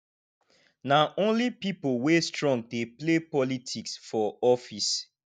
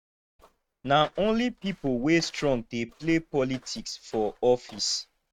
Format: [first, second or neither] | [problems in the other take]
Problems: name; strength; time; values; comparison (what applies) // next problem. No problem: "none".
first | noise reduction (neural mask model RNNoise)